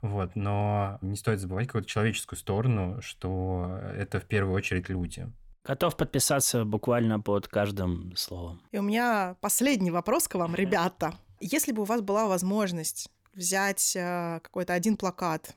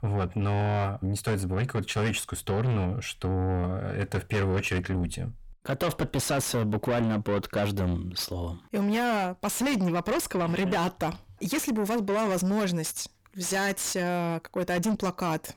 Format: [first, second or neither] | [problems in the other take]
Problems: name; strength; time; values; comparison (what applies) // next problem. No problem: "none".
first | distortion; heavy; 7 dB below the speech